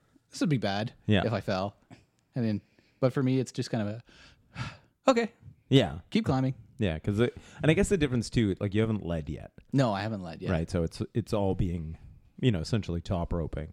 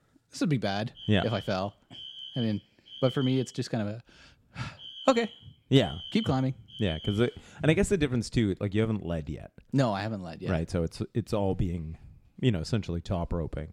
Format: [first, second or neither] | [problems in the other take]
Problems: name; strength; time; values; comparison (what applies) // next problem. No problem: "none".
first | alarm; noticeable; from 1 to 7.5 s; peak 10 dB below the speech